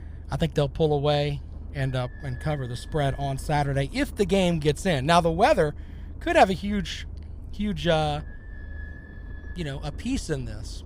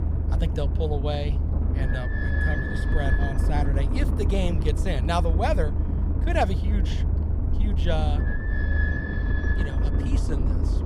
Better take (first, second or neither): first